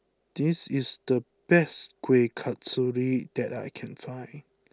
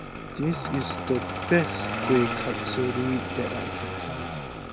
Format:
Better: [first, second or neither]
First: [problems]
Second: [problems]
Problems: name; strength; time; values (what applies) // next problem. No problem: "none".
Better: first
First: none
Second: background sound (Engine starting); 3 dB below the speech